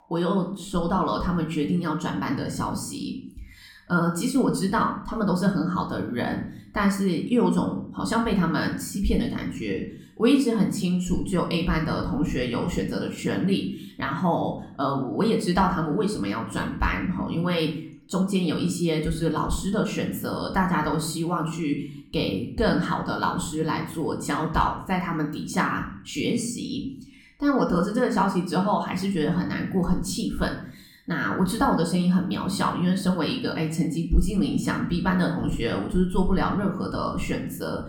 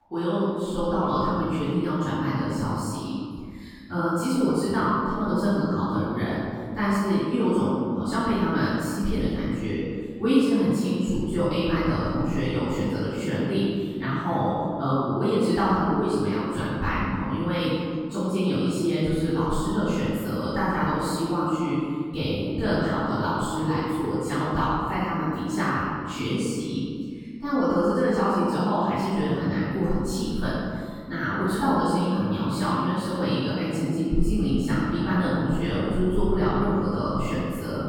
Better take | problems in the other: first | room echo; strong; dies away in 1.9 s; slight in the first // off-mic speech; far; somewhat distant in the first

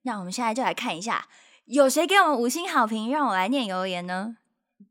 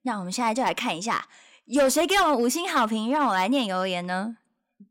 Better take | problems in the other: first | distortion; slight; 4% of the sound clipped

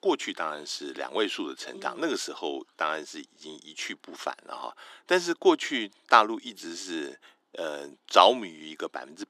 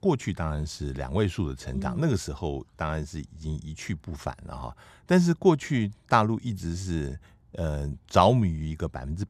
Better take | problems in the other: second | thin; very; fading below 300 Hz

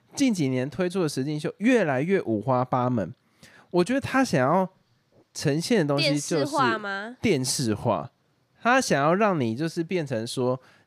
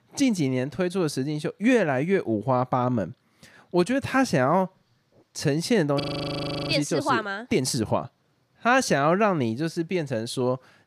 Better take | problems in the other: first | audio freezing; at 6 s for 0.5 s

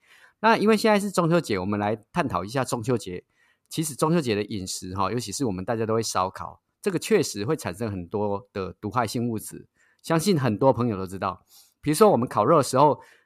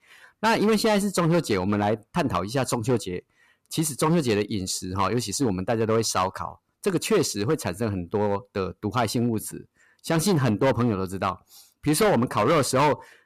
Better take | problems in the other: first | distortion; heavy; 7% of the sound clipped

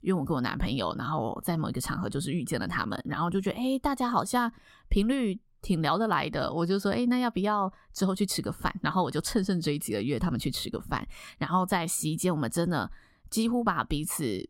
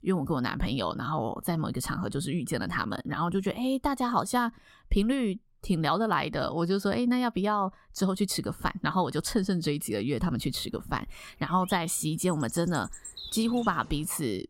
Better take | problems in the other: first | animal sounds; noticeable; from 10 s on; 15 dB below the speech

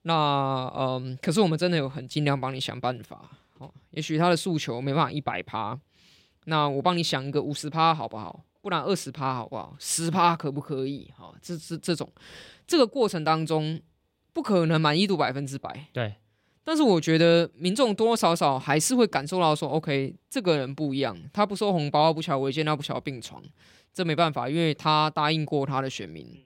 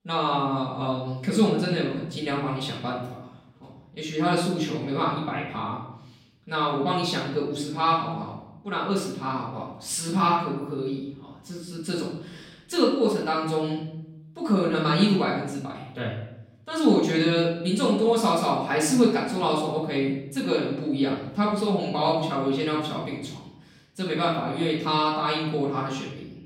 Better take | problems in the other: first | room echo; noticeable; dies away in 0.7 s // off-mic speech; far

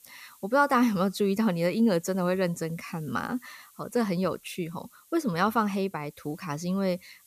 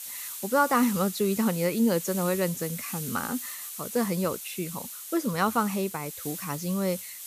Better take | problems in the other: first | hiss; loud; throughout; 8 dB below the speech; faint in the first

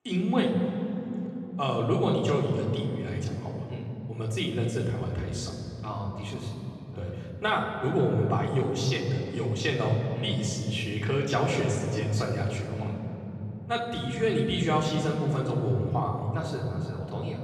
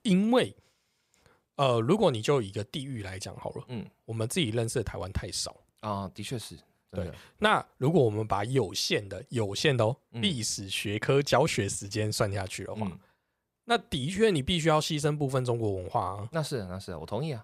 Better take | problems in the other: second | room echo; noticeable; dies away in 3 s // off-mic speech; far

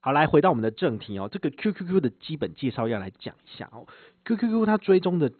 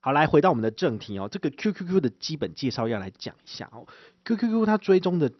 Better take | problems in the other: second | garbled, watery; badly; nothing above 4 kHz; slightly in the second

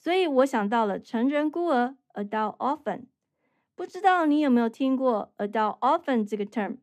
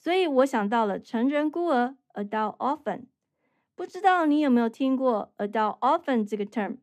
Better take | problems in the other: neither | none

